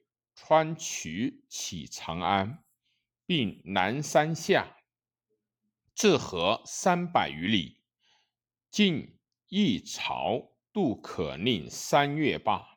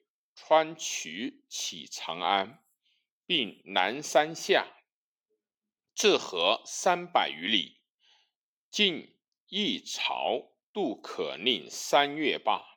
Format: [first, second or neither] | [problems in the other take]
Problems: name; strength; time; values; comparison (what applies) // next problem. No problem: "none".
first | thin; somewhat; fading below 400 Hz